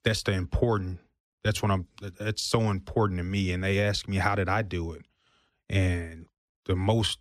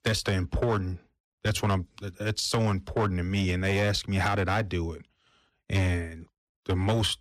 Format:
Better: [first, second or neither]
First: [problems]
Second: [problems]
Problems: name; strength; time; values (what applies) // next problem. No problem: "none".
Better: first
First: none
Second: distortion; slight; 8% of the sound clipped